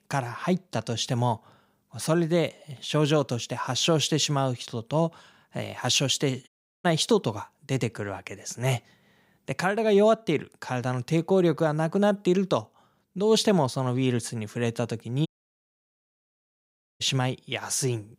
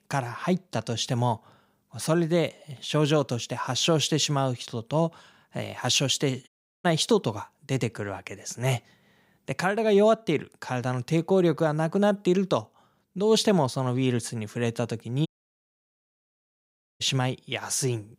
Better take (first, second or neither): neither